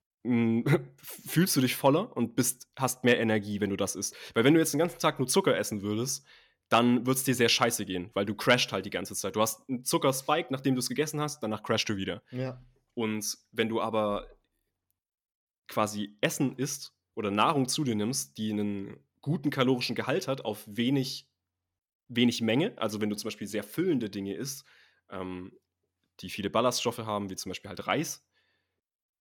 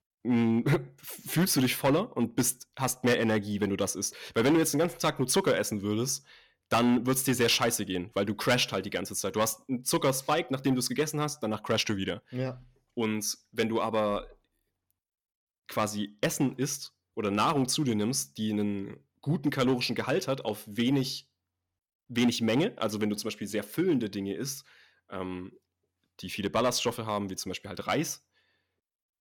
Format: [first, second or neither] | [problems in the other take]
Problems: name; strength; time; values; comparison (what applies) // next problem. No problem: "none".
first | distortion; slight; 3% of the sound clipped